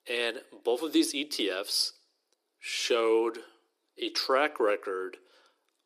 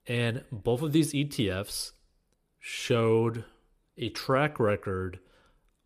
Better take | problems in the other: second | thin; somewhat; fading below 300 Hz

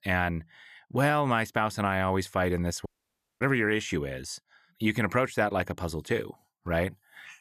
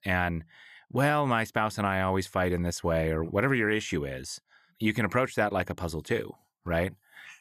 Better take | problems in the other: second | audio cutting out; at 3 s for 0.5 s

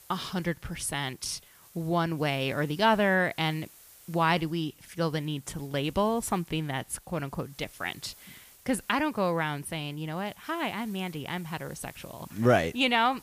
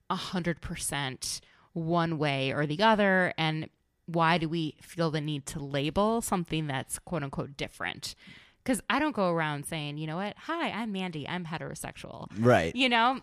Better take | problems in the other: second | hiss; faint; throughout; 25 dB below the speech

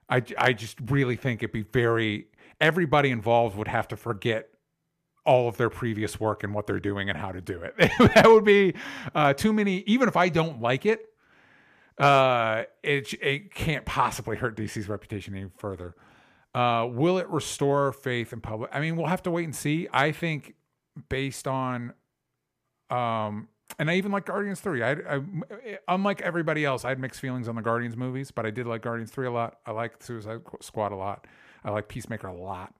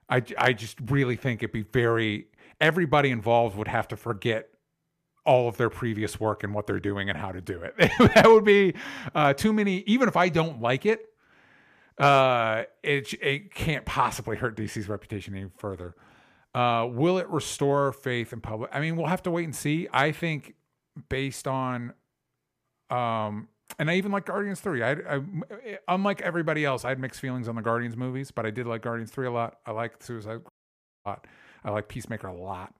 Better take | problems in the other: first | audio cutting out; at 31 s for 0.5 s

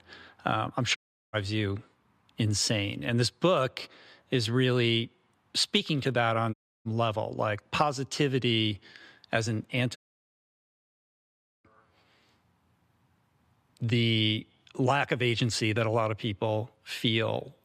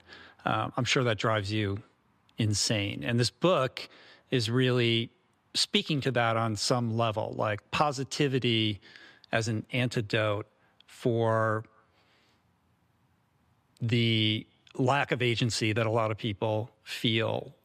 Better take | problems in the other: second | audio cutting out; at 1 s, at 6.5 s and at 10 s for 1.5 s

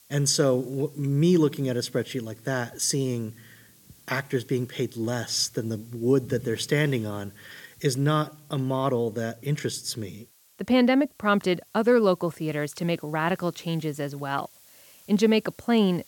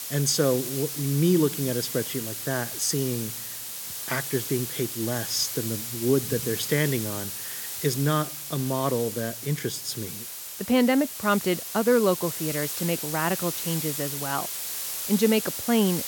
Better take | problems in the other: first | hiss; loud; throughout; 5 dB below the speech; faint in the first

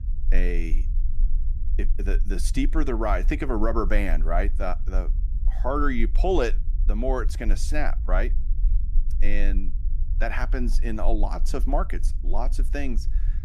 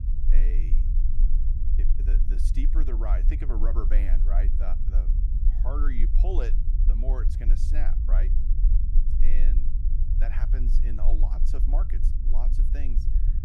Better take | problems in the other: first | low rumble; loud; throughout; 6 dB below the speech; faint in the first

